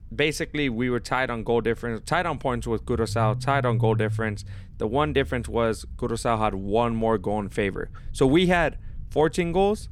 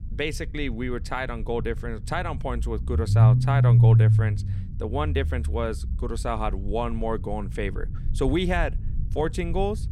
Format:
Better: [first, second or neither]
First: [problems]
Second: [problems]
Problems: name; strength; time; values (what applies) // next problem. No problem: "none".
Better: first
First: low rumble; faint; throughout; 20 dB below the speech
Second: low rumble; loud; throughout; 6 dB below the speech